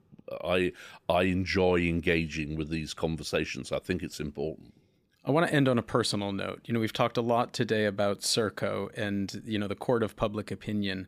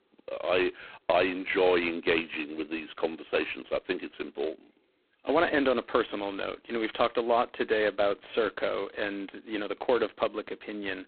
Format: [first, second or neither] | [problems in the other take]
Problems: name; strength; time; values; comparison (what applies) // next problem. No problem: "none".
first | phone-call audio; poor line; nothing above 4 kHz